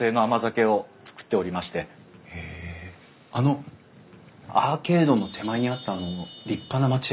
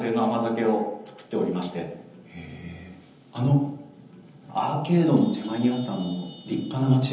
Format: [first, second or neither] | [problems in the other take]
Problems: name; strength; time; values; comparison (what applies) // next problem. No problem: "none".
first | room echo; dies away in 0.9 s